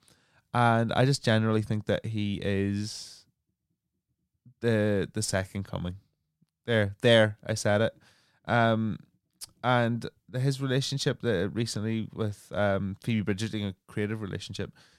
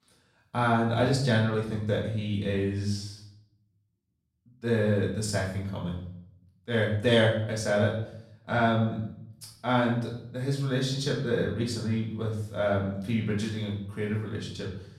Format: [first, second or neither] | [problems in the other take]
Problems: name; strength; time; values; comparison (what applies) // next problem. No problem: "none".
first | off-mic speech; far // room echo; noticeable; dies away in 0.6 s